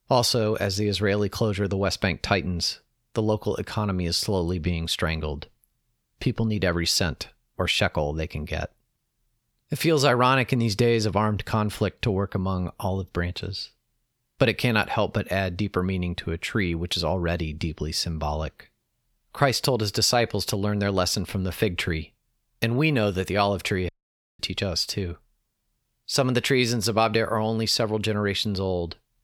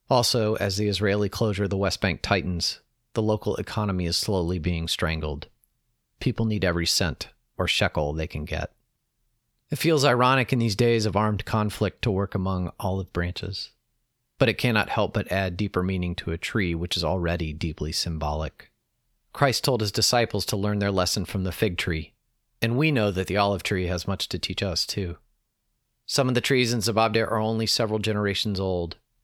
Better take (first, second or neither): second